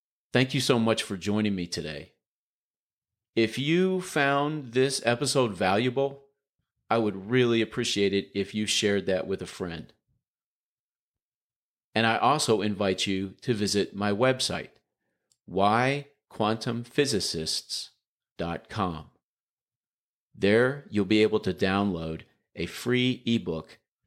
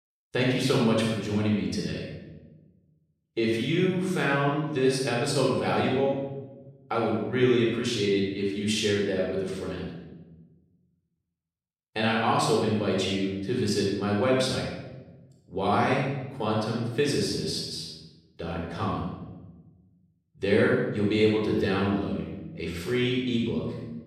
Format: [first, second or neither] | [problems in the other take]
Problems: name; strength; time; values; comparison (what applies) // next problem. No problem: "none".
first | off-mic speech; far // room echo; strong; dies away in 1.1 s